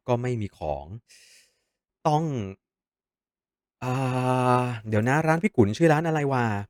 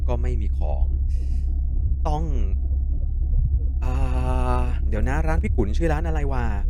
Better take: first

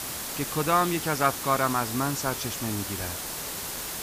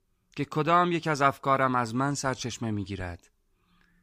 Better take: second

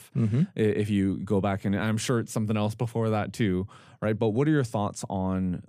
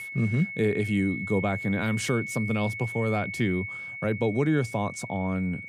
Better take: first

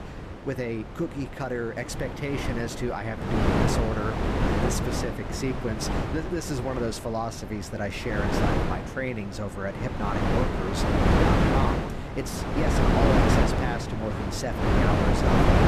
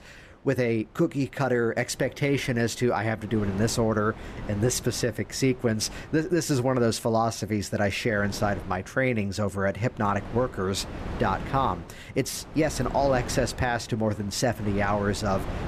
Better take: second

